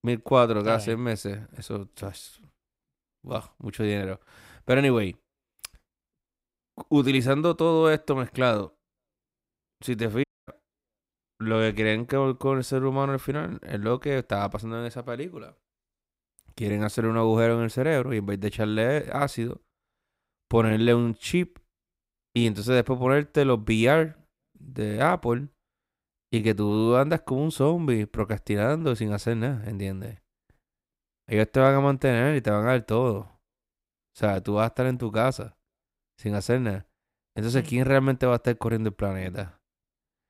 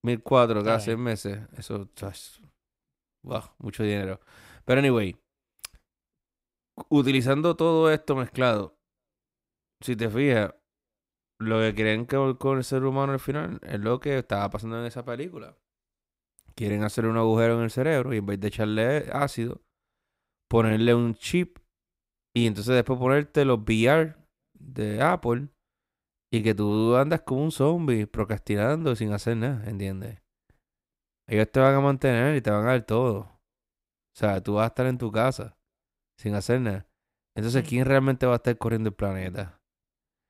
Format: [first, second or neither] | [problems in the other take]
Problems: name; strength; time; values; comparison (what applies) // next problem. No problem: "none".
second | audio cutting out; at 10 s